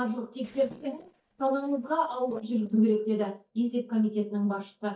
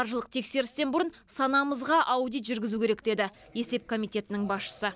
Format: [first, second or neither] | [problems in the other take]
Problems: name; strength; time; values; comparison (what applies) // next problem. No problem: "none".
second | noise reduction (neural mask model DeepFilterNet 3)